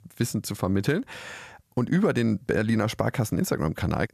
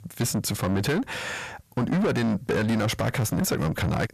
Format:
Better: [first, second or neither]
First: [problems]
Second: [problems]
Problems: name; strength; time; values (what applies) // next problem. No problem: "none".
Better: first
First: none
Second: distortion; heavy; 7 dB below the speech